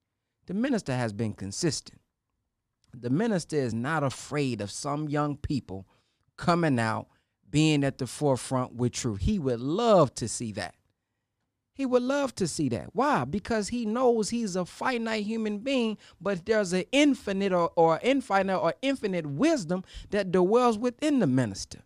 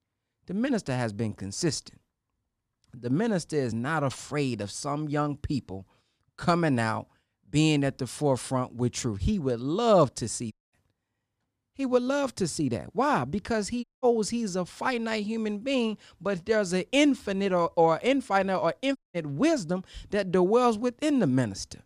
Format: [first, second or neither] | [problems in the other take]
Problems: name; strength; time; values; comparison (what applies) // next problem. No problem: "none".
first | audio cutting out; at 11 s, at 14 s and at 19 s